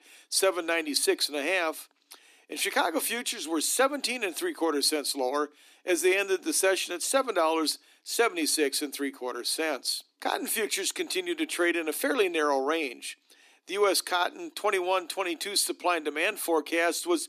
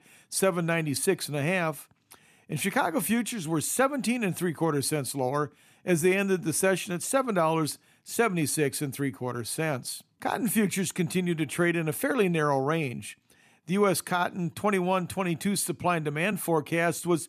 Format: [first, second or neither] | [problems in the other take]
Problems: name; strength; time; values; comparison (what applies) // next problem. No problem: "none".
second | thin; somewhat; fading below 300 Hz